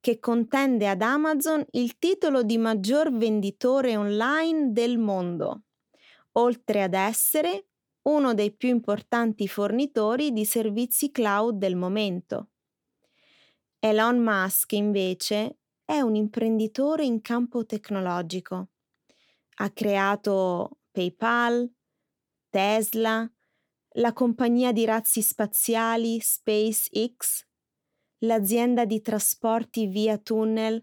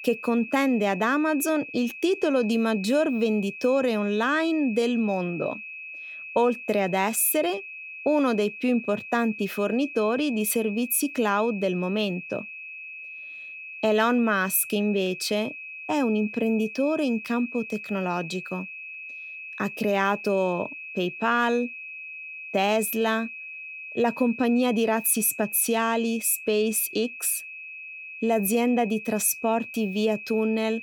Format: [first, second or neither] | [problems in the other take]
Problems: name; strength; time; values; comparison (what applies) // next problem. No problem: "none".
first | high-pitched whine; noticeable; throughout; 2.5 kHz, 10 dB below the speech